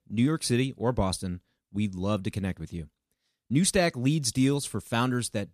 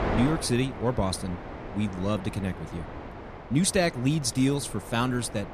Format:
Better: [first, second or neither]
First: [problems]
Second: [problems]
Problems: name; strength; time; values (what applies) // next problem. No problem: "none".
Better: first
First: none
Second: wind noise on the microphone; heavy; 9 dB below the speech